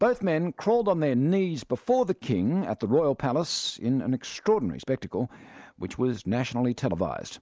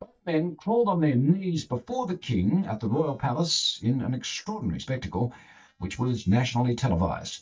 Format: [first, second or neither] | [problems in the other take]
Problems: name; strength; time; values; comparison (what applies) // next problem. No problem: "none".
first | noise reduction (neural mask model DeepFilterNet 3)